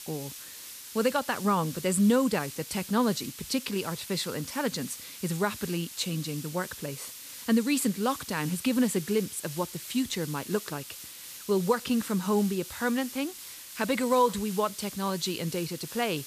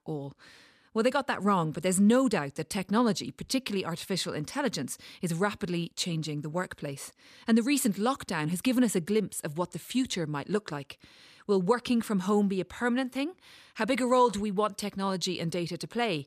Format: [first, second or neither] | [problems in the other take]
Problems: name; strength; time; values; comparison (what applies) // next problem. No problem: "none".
second | hiss; noticeable; throughout; 10 dB below the speech